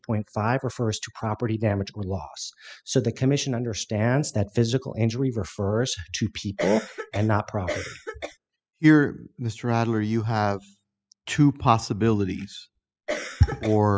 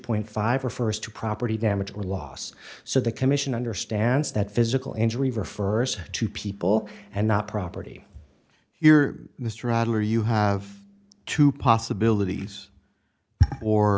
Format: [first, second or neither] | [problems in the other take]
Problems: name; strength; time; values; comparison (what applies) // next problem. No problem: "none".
second | noise reduction (classical method spectral subtraction)